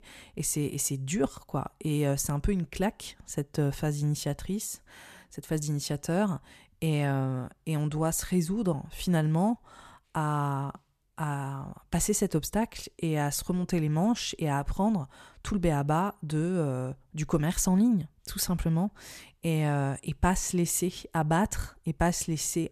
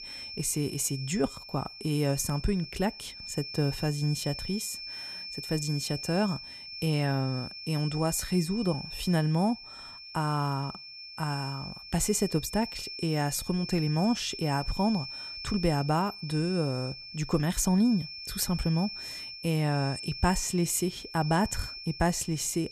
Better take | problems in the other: first | high-pitched whine; loud; throughout; 5.5 kHz, 9 dB below the speech

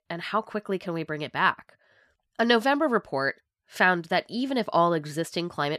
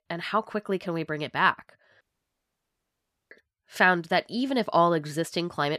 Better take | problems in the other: first | audio cutting out; at 2 s for 1.5 s

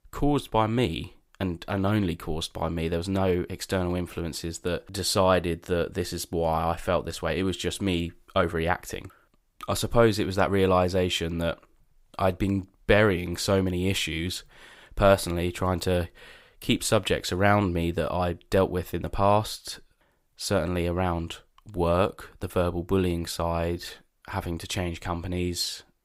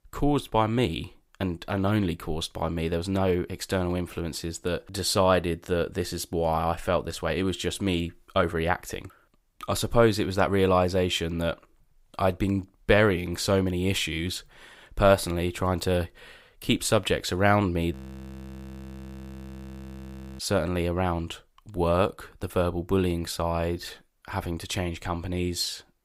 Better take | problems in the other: first | audio freezing; at 18 s for 2.5 s

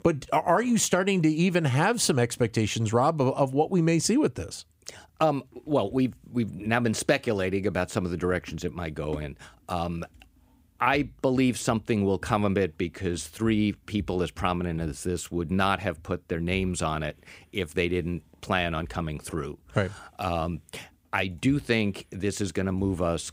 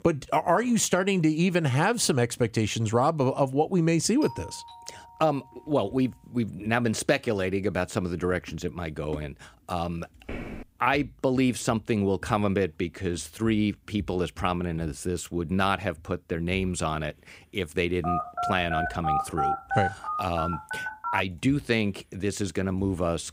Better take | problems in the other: first | doorbell; faint; from 4 to 6 s; peak 15 dB below the speech // footsteps; faint; at 10 s; peak 10 dB below the speech // phone ringing; loud; from 18 to 21 s; peak level with the speech

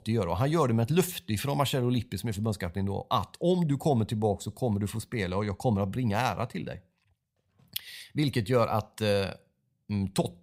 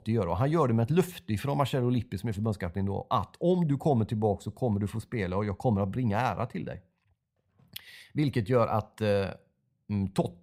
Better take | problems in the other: first | muffled; slightly; fading above 2.5 kHz

